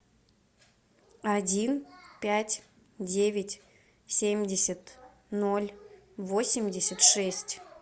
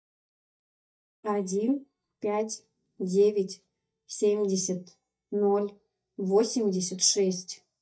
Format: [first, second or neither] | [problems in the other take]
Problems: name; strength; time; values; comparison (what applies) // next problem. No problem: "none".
first | noise reduction (neural mask model DeepFilterNet 3)